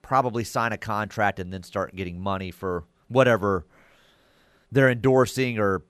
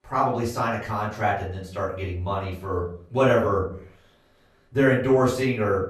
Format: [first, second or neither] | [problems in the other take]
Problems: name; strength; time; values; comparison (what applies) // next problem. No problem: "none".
first | off-mic speech; far // room echo; slight; dies away in 0.4 s